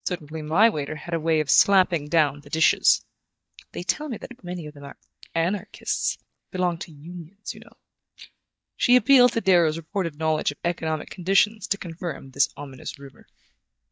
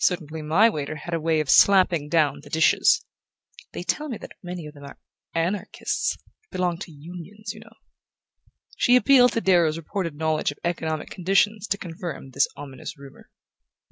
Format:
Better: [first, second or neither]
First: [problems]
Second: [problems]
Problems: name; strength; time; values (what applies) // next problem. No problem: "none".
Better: second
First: noise reduction (neural mask model DeepFilterNet 3)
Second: none